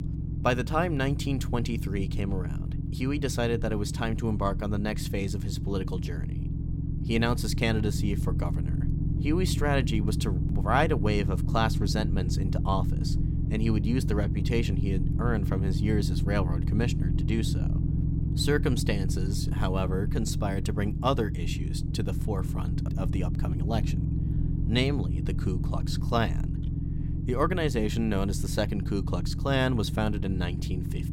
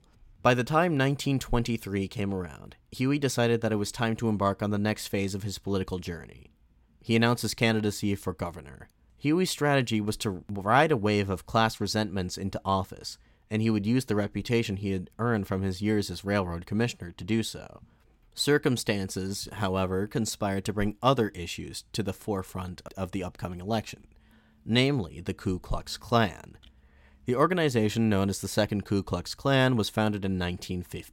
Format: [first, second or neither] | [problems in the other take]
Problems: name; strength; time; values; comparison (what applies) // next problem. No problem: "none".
second | low rumble; loud; throughout; 9 dB below the speech